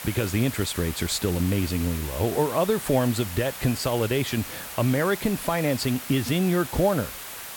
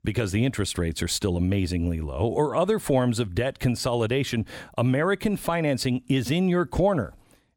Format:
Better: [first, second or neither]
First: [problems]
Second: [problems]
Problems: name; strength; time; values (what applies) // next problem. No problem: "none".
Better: second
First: hiss; loud; throughout; 10 dB below the speech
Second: none